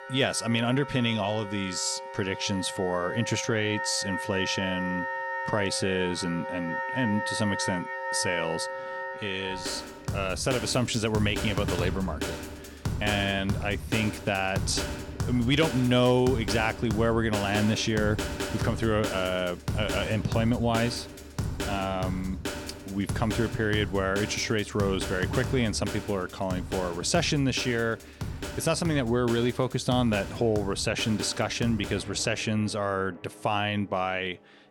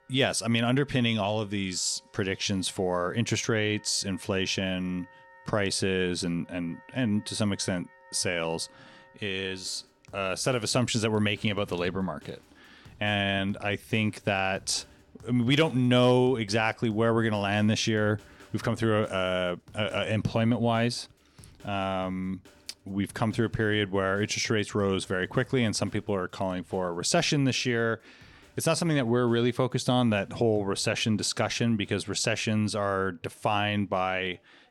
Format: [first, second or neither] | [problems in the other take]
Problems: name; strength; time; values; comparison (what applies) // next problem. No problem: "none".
second | background music; loud; throughout; 7 dB below the speech; faint in the second